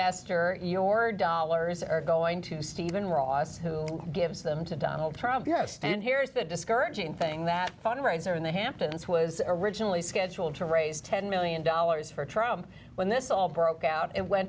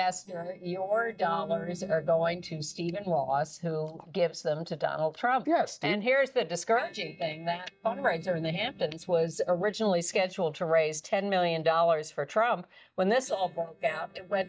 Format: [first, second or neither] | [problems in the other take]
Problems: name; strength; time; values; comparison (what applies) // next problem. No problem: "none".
first | noise reduction (neural mask model DeepFilterNet 3)